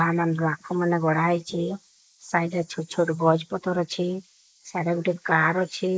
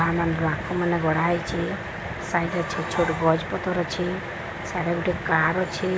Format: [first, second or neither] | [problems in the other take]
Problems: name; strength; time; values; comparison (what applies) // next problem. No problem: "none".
second | noise reduction (neural mask model Resemble Enhance denoiser)